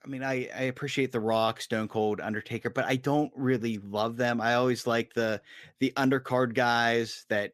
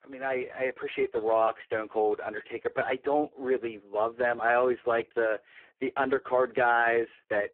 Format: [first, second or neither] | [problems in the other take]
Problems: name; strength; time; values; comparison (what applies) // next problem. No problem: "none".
first | phone-call audio; poor line